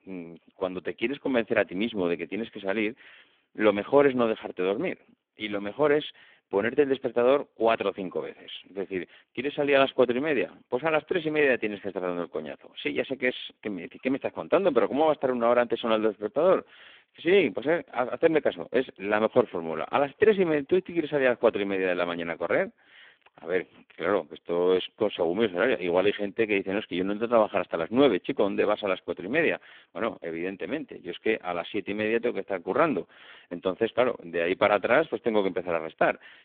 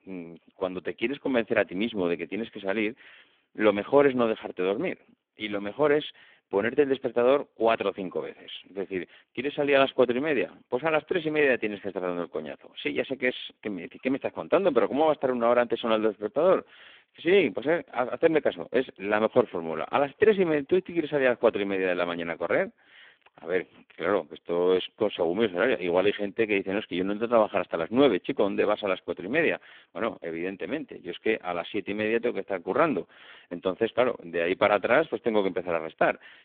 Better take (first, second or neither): neither